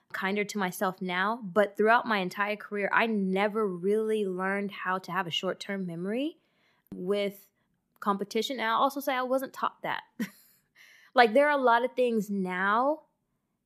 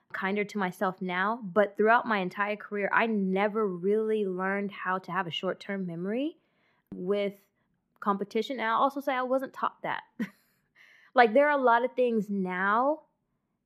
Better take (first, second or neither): first